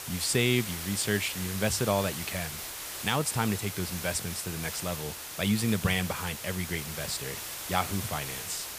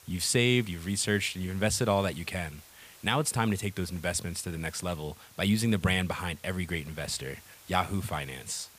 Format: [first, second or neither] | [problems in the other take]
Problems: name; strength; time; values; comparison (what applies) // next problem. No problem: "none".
second | hiss; loud; throughout; 6 dB below the speech; faint in the second